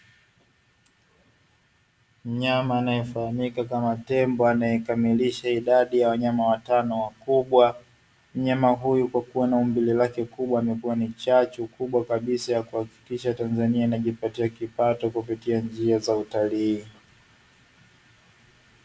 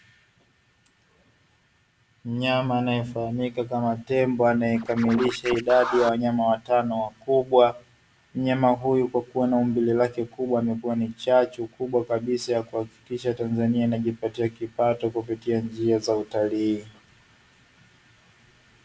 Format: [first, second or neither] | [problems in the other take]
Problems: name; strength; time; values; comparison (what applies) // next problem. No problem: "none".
first | background sound (Scratching (performance technique)); 7 dB below the speech